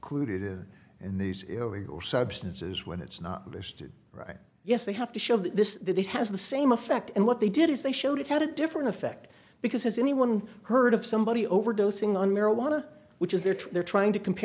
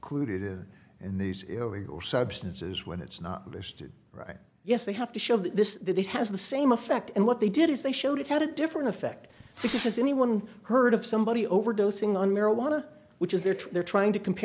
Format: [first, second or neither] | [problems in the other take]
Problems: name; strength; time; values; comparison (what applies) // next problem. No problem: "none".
first | background sound (Fireworks); 14 dB below the speech